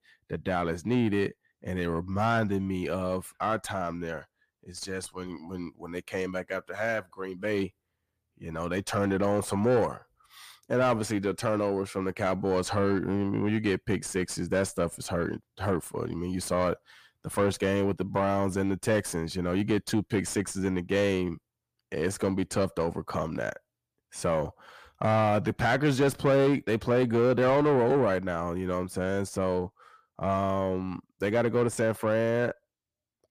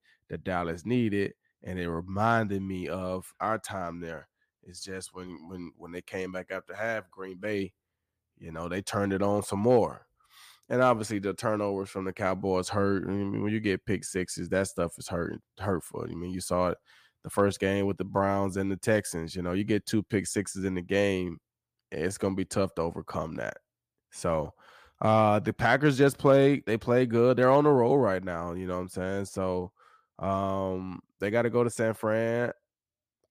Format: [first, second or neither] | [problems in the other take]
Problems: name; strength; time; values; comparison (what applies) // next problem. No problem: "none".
second | distortion; slight; 10 dB below the speech